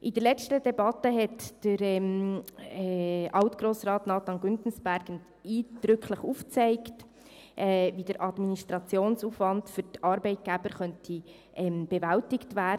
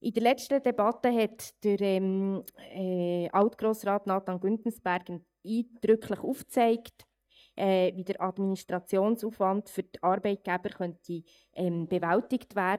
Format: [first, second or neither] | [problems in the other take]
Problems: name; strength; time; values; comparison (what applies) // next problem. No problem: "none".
first | noise reduction (neural mask model DeepFilterNet 3)